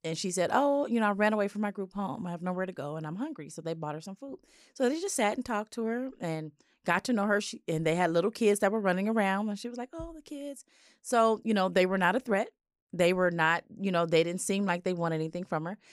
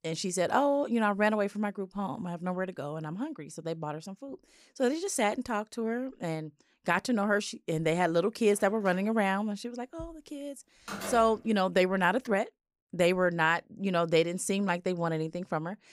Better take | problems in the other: first | door banging; noticeable; from 8.5 to 12 s; peak 8 dB below the speech

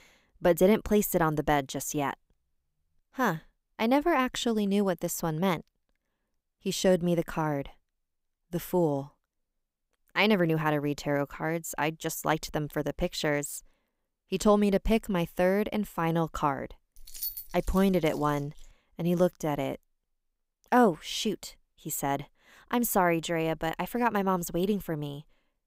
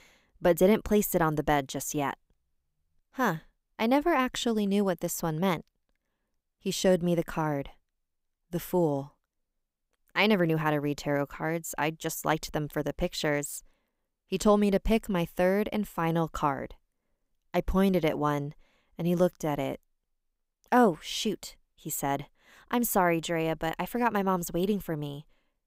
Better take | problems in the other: second | jangling keys; noticeable; from 17 to 19 s; peak 6 dB below the speech

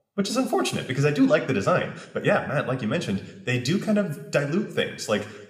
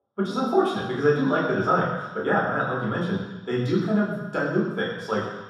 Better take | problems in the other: first | room echo; strong; dies away in 1.2 s; slight in the first // off-mic speech; far

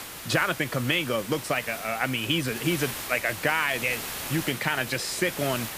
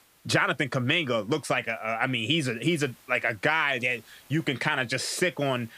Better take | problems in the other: second | hiss; loud; throughout; 8 dB below the speech; faint in the second

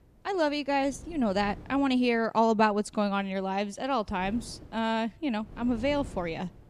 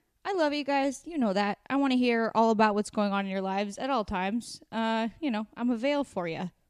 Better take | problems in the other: second | wind noise on the microphone; occasional gusts; 25 dB below the speech

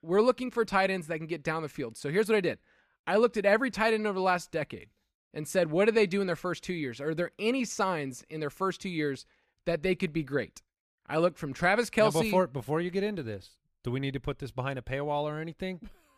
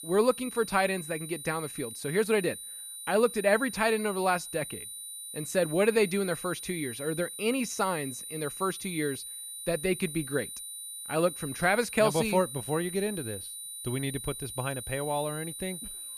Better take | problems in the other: first | high-pitched whine; loud; throughout; 9.5 kHz, 8 dB below the speech

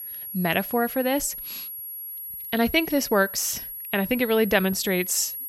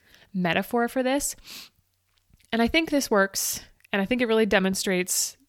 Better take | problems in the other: second | high-pitched whine; loud; throughout; 11.5 kHz, 9 dB below the speech

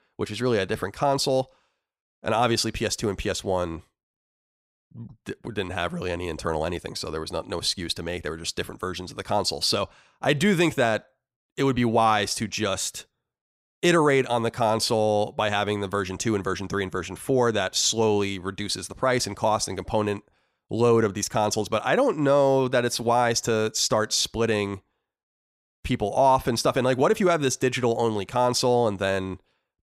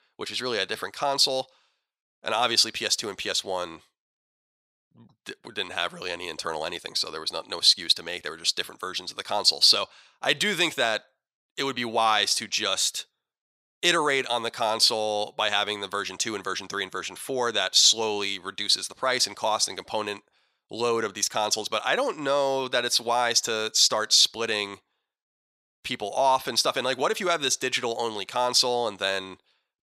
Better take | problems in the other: first | thin; somewhat; fading below 950 Hz

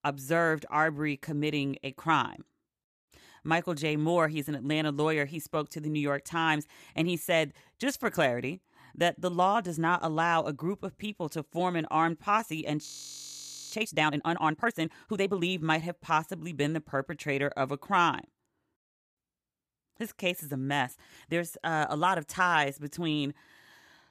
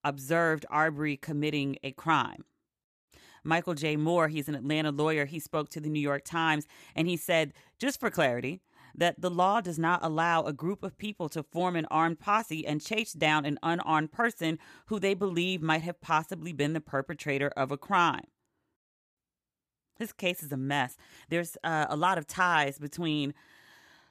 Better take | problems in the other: second | audio freezing; at 13 s for 1 s

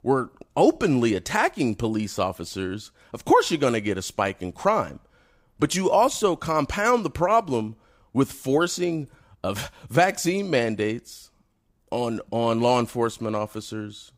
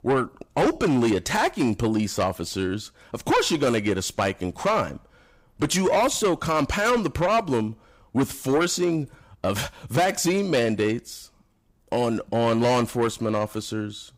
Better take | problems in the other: first | distortion; heavy; 8 dB below the speech

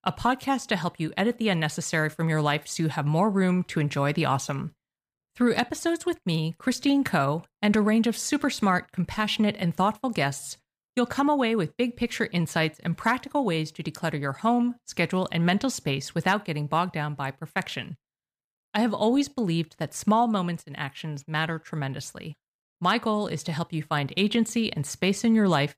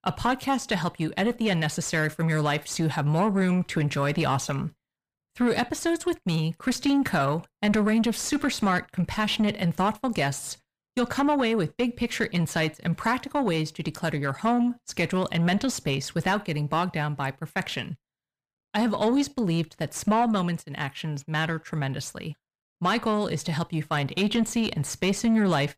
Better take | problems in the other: first | distortion; slight; 10 dB below the speech

